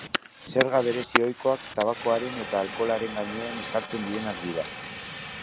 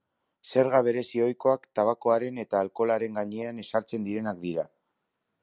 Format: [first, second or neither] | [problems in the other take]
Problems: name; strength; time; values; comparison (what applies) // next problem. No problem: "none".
second | background sound (Fire); 6 dB below the speech